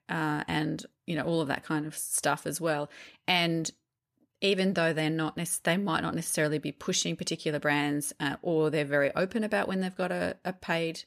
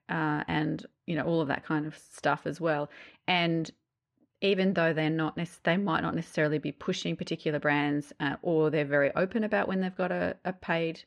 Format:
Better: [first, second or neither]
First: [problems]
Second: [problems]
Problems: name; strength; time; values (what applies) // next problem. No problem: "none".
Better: first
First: none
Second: muffled; slightly; fading above 3 kHz